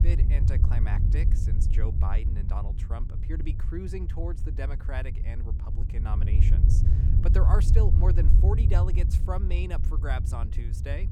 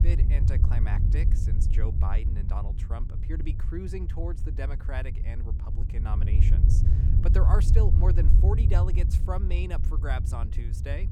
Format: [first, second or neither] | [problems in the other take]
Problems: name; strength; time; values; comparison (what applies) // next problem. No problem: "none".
neither | wind noise on the microphone; heavy; 3 dB below the speech; the same in both